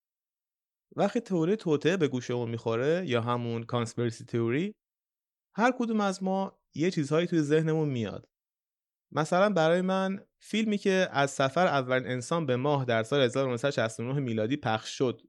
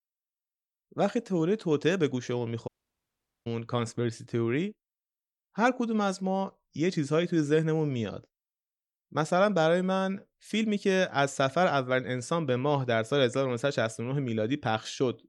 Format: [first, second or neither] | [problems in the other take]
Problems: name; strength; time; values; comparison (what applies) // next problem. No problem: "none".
first | audio cutting out; at 2.5 s for 1 s